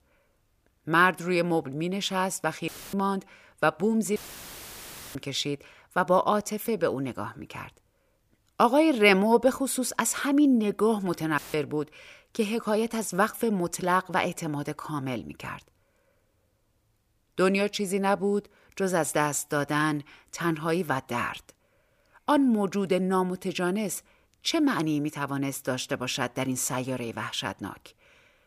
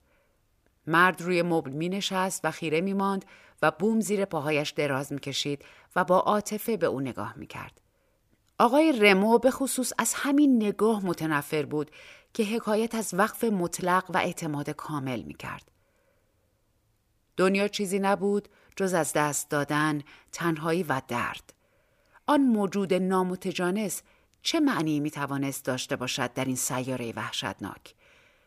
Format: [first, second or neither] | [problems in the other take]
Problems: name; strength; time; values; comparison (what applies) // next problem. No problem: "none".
second | audio cutting out; filled with static; at 2.5 s, at 4 s for 1 s and at 11 s